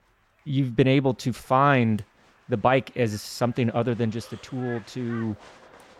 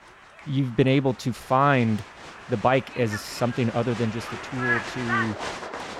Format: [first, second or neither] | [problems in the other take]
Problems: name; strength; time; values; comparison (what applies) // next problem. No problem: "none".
first | crowd noise; loud; throughout; 7 dB below the speech; faint in the first